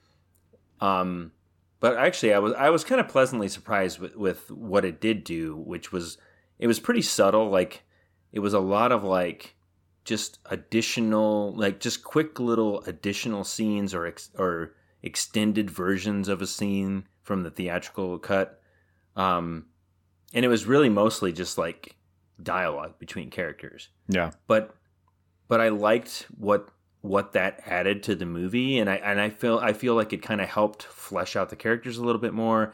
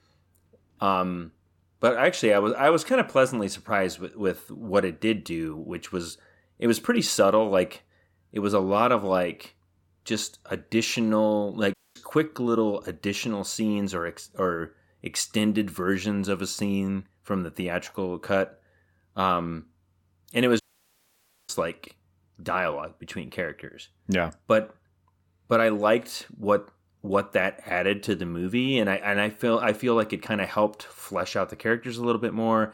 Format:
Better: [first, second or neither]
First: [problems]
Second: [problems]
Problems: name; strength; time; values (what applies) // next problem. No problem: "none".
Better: first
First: none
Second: audio cutting out; at 12 s and at 21 s for 1 s